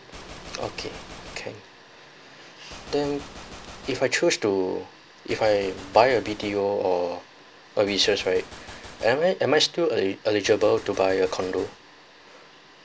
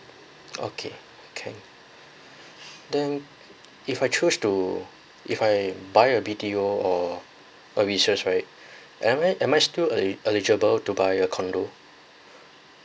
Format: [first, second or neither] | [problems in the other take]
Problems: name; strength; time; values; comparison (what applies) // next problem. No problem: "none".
second | background sound (Gunshot, gunfire); 19 dB below the speech